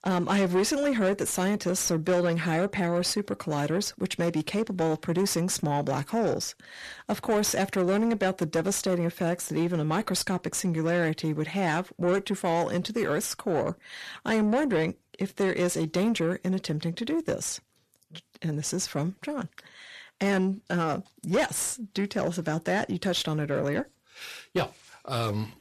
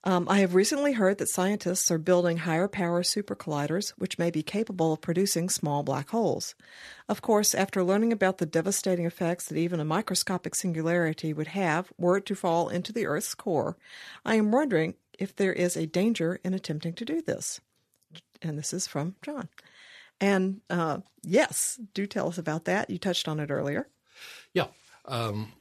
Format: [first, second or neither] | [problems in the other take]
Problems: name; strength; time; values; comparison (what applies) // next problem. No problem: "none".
second | distortion; slight; 10 dB below the speech